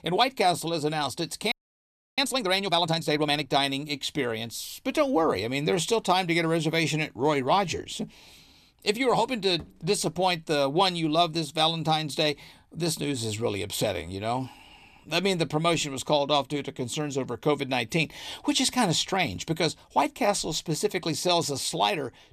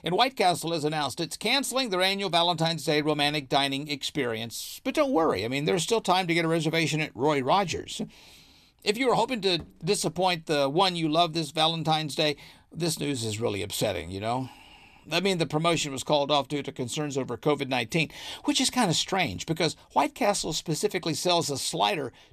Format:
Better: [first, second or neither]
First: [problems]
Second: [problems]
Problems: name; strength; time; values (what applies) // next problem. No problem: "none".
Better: second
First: audio freezing; at 1.5 s for 0.5 s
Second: none